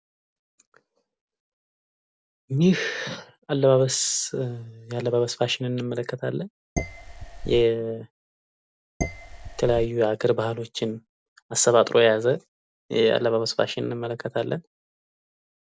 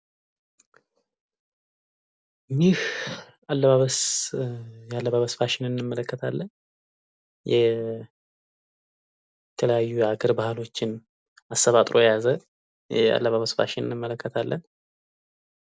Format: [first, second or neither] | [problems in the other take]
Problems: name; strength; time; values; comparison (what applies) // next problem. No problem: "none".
second | background sound (Dishes, pots, and pans); 6 dB below the speech